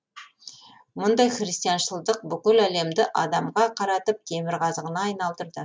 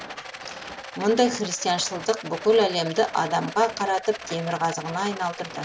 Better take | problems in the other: first | background sound (Rattle); 13 dB below the speech

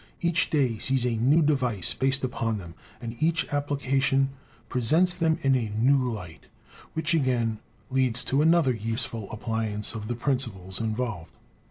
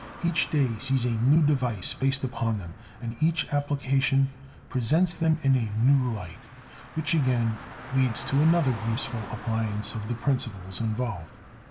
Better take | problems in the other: first | background sound (Car); 18 dB below the speech // room echo; dies away in 0.4 s

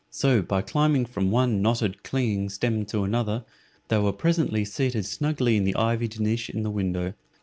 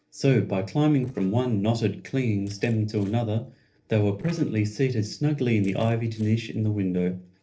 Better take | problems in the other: first | noise reduction (neural separator model SepFormer DNS4)

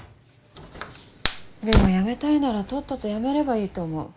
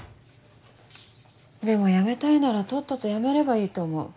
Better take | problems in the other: second | background sound (Fire); 3 dB below the speech

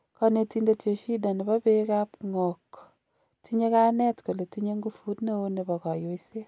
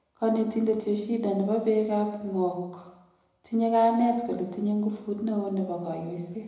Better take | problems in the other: first | room echo; dies away in 0.9 s

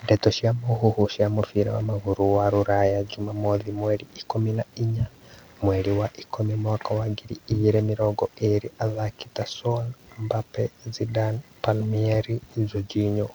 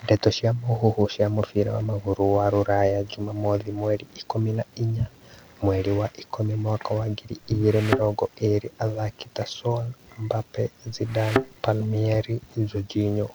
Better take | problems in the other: first | background sound (Thump, thud); 4 dB below the speech

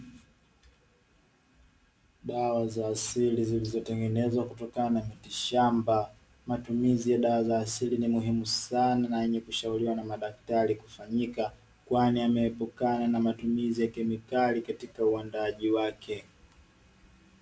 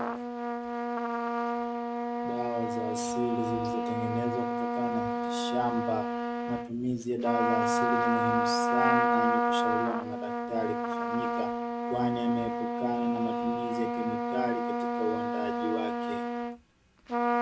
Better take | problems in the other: first | background sound (Trumpet); 5 dB above the speech

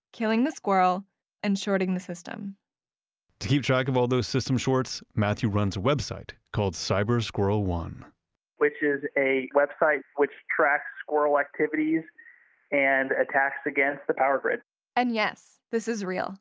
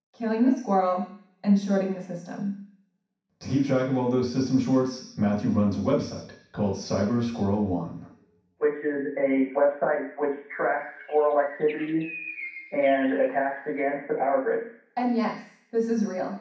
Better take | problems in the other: first | background sound (Bird); 17 dB below the speech // room echo; dies away in 0.6 s

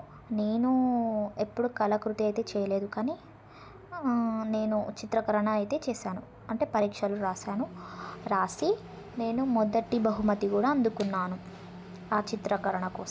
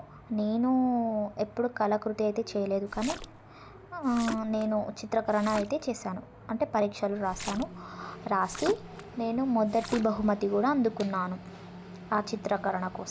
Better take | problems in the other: first | background sound (Splash, splatter); 14 dB below the speech

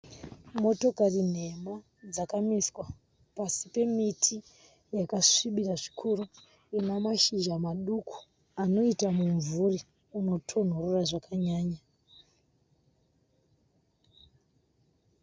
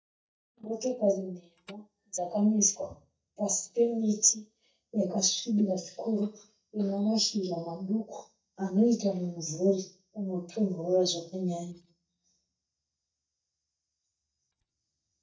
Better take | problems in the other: first | noise reduction (neural mask model DeepFilterNet 3)

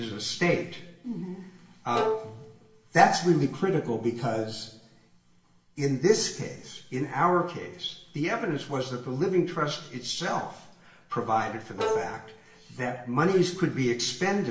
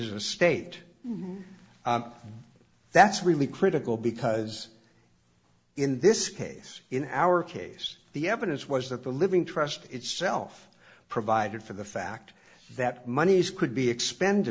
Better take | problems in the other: second | background sound (Bowed string instrument); 6 dB below the speech // room echo; dies away in 0.8 s

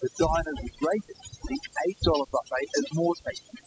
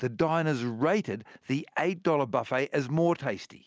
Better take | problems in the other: second | noise reduction (classical method spectral subtraction)

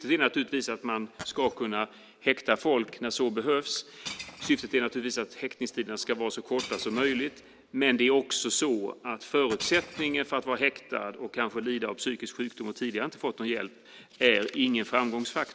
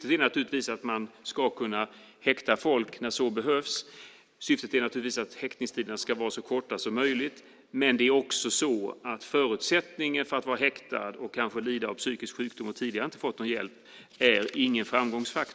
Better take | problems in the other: second | background sound (Shatter / Crushing + Glass); 17 dB below the speech

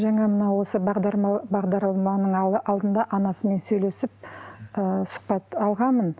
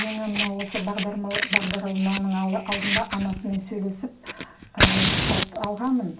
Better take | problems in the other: first | background sound (Fire); as loud as the speech // room echo; dies away in 0.3 s

